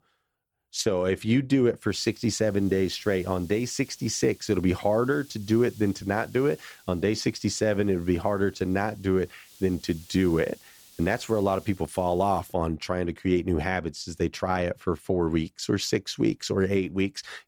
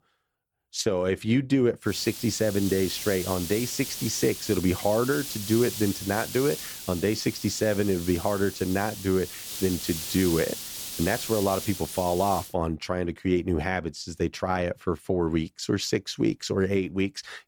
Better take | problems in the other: first | hiss; loud; from 2 to 12 s; 7 dB below the speech; faint in the first

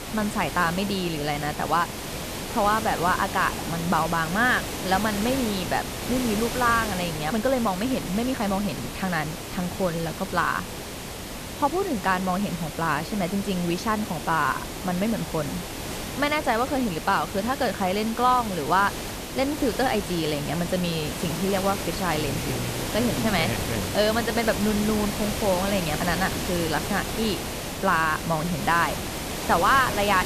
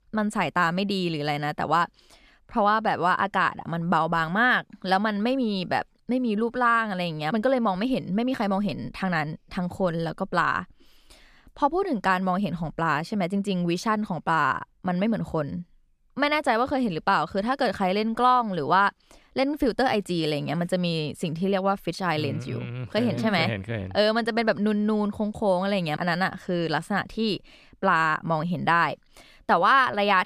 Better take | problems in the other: second | hiss; loud; throughout; 6 dB below the speech

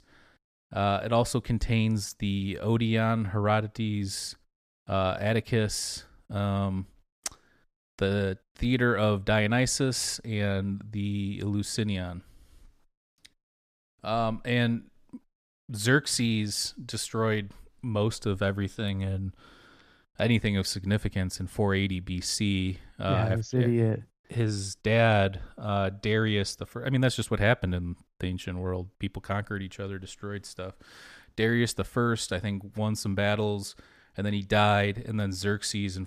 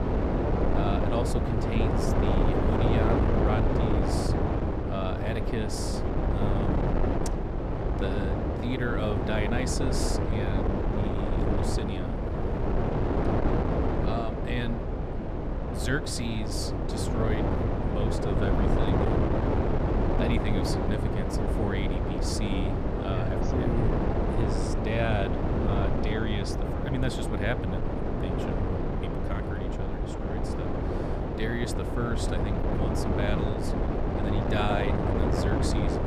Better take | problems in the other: first | wind noise on the microphone; heavy; 4 dB above the speech

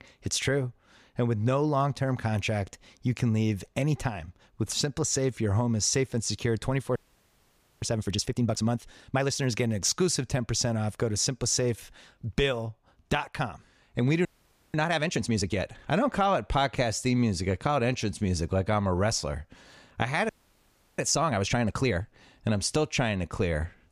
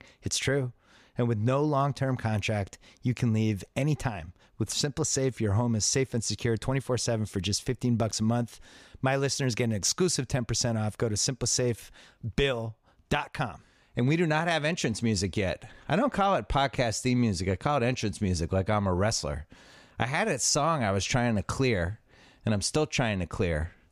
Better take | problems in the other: second | audio freezing; at 7 s for 1 s, at 14 s and at 20 s for 0.5 s

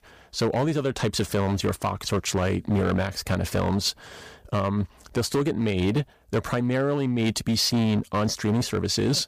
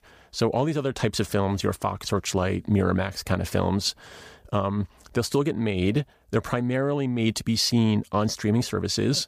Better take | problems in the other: second | distortion; slight; 10% of the sound clipped

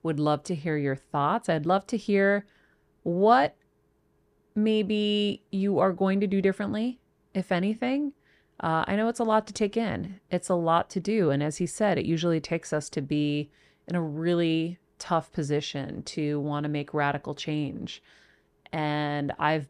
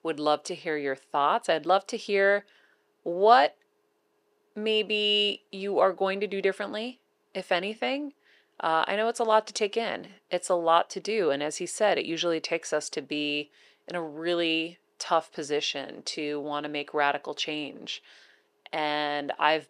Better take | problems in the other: first | thin; somewhat; fading below 500 Hz

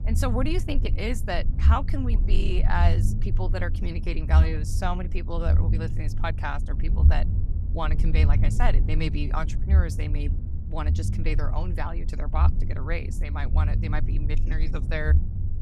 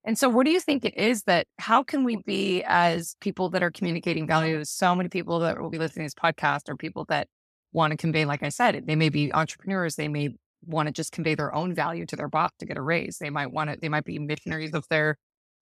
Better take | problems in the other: second | low rumble; loud; throughout; 9 dB below the speech

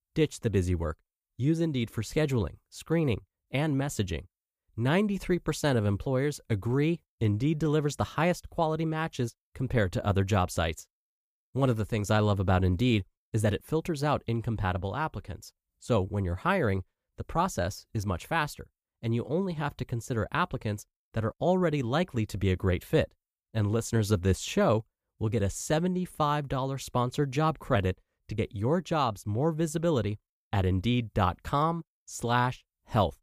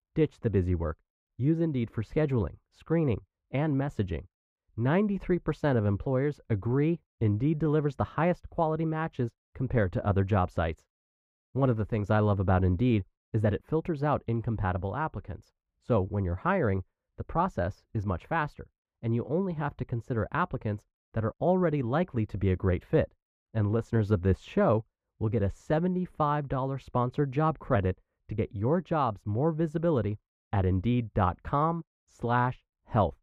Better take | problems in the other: first | muffled; very; fading above 3.5 kHz

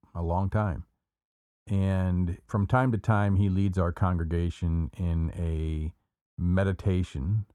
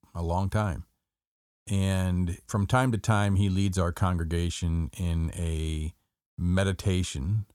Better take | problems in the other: second | muffled; very; fading above 2.5 kHz

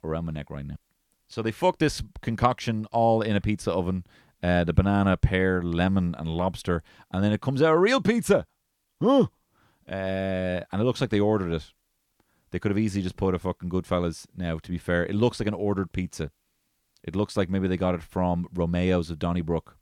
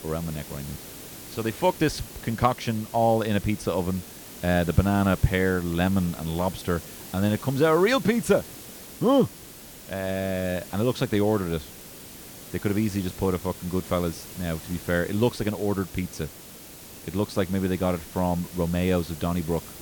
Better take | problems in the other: first | hiss; noticeable; throughout; 15 dB below the speech

